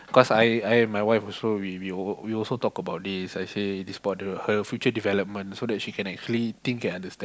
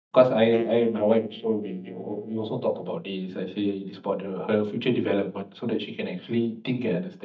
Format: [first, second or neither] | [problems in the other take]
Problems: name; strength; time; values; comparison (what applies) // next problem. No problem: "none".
first | noise reduction (neural mask model DeepFilterNet 3)